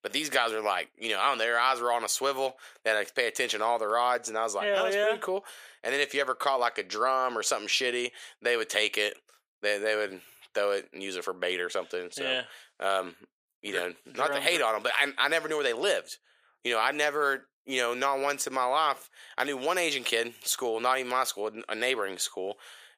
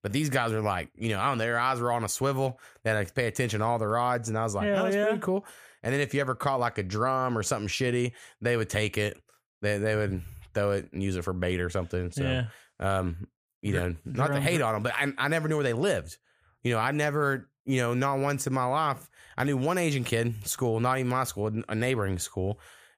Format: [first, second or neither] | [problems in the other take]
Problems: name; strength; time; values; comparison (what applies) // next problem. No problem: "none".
second | thin; very; fading below 400 Hz